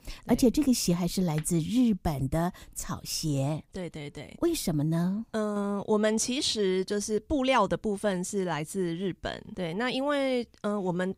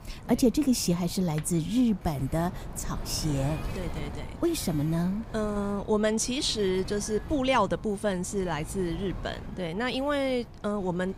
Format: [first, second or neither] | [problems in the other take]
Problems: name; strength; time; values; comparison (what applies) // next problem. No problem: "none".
first | wind noise on the microphone; occasional gusts; 15 dB below the speech